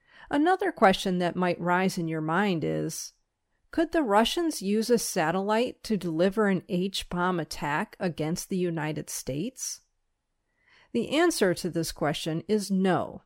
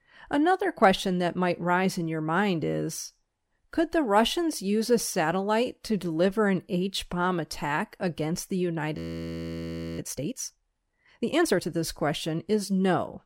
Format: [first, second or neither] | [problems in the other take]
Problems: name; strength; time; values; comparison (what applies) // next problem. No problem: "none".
first | audio freezing; at 9 s for 1 s